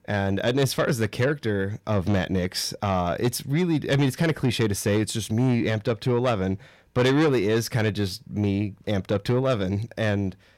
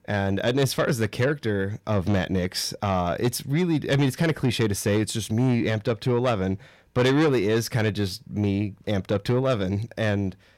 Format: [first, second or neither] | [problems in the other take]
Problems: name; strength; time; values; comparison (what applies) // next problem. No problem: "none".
neither | distortion; slight; 10 dB below the speech; the same in both